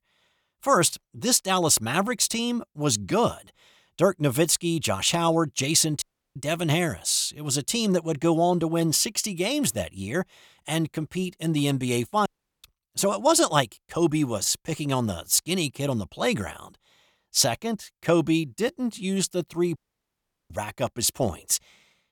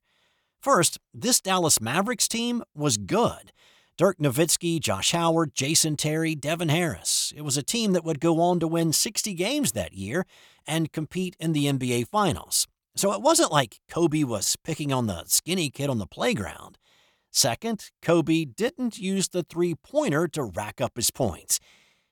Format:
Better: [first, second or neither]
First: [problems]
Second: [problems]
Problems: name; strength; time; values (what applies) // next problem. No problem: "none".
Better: second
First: audio cutting out; at 6 s, at 12 s and at 20 s for 0.5 s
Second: none